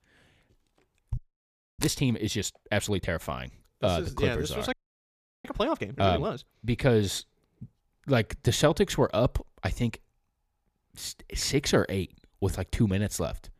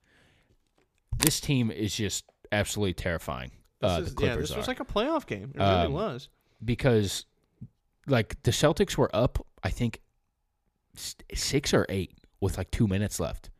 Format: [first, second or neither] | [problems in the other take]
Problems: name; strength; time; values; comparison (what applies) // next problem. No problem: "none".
second | audio freezing; at 1 s for 0.5 s and at 4.5 s for 0.5 s